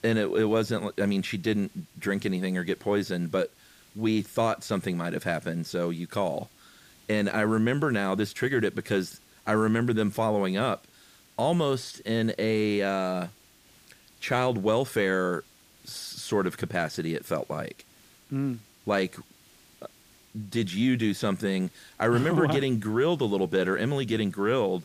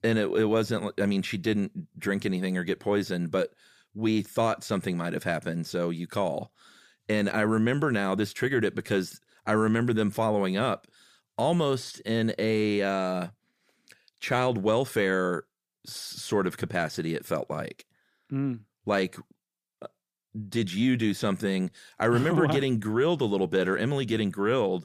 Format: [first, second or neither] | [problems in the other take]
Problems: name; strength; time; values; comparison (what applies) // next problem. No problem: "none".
second | hiss; faint; throughout; 30 dB below the speech